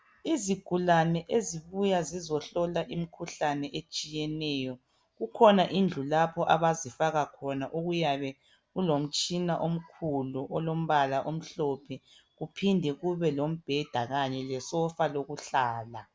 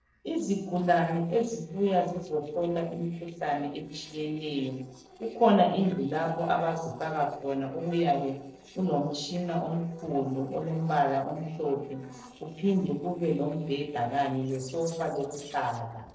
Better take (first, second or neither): first